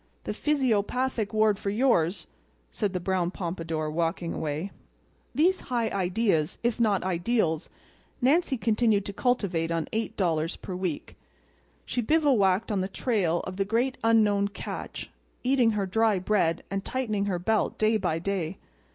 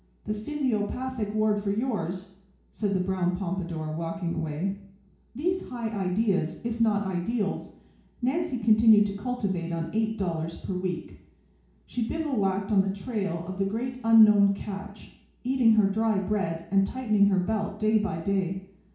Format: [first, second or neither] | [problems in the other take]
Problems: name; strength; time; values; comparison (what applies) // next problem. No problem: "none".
first | room echo; dies away in 0.6 s